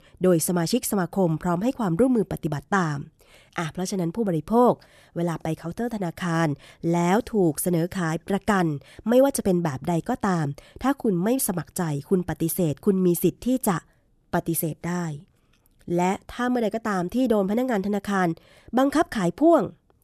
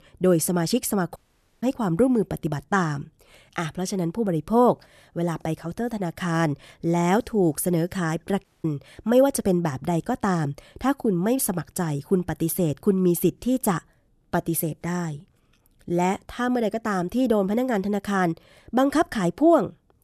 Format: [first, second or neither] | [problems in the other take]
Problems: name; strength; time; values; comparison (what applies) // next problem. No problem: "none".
first | audio cutting out; at 1 s and at 8.5 s